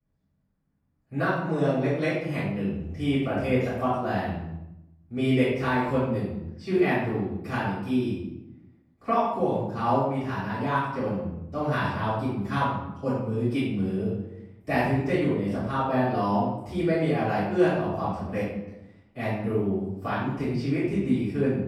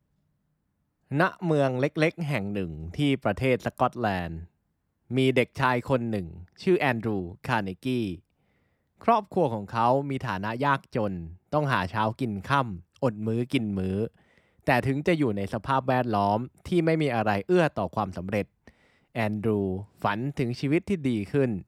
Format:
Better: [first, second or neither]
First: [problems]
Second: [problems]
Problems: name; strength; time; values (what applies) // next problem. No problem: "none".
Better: second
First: room echo; strong; dies away in 0.8 s // off-mic speech; far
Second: none